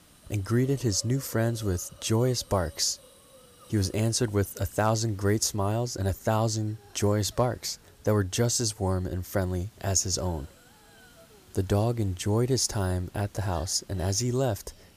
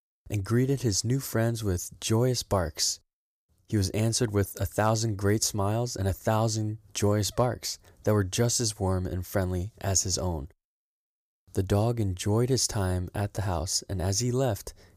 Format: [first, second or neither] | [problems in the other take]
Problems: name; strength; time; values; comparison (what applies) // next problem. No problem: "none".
second | hiss; faint; throughout; 25 dB below the speech